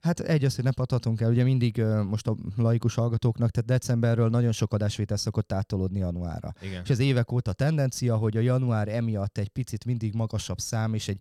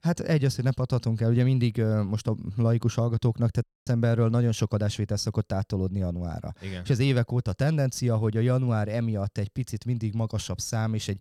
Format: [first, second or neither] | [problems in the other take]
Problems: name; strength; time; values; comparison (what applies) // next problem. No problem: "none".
first | audio cutting out; at 3.5 s